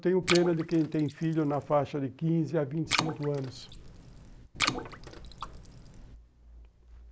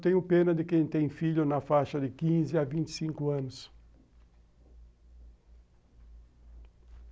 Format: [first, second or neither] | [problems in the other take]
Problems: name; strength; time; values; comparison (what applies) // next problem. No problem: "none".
second | noise reduction (neural mask model Resemble Enhance denoiser)